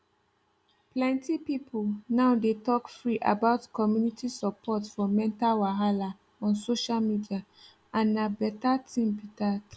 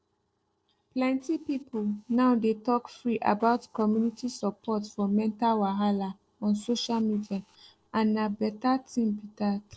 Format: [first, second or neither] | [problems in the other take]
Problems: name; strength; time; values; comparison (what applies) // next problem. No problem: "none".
first | noise reduction (neural separator model SepFormer DNS4)